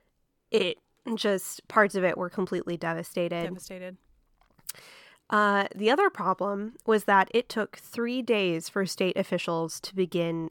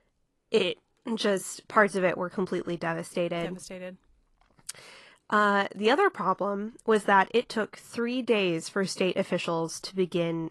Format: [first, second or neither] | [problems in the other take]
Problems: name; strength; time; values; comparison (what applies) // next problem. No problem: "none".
first | garbled, watery; slightly; nothing above 11.5 kHz